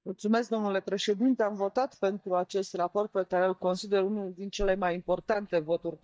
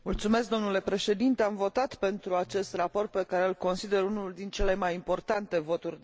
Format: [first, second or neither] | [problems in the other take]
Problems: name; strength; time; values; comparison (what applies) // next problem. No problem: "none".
second | noise reduction (neural mask model DeepFilterNet 3)